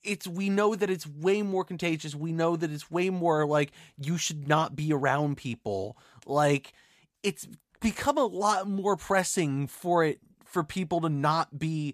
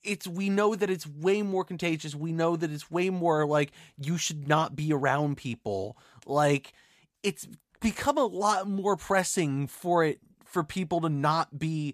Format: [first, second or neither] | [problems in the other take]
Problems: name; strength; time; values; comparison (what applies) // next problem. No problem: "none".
neither | none